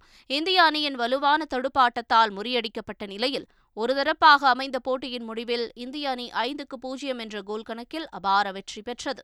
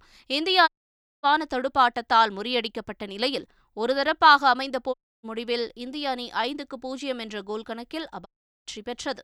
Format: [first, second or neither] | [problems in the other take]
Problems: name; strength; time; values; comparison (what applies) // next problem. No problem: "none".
first | audio cutting out; at 0.5 s for 0.5 s, at 5 s and at 8.5 s